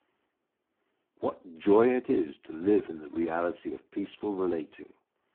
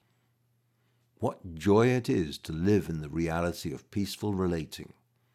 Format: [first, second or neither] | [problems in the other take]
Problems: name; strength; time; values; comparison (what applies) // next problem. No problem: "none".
second | phone-call audio; poor line